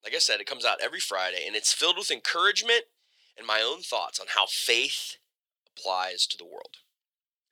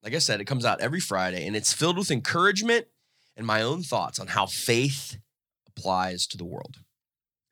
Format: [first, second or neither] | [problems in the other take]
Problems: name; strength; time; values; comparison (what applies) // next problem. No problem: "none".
second | thin; very; fading below 450 Hz